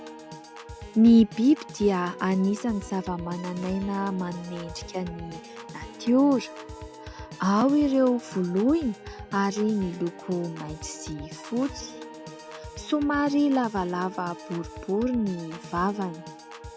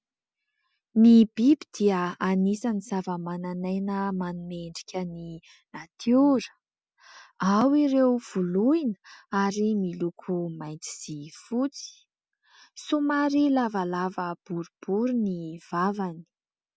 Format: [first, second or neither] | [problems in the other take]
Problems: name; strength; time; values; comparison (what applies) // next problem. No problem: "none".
second | background sound (Piano / Organ); 15 dB below the speech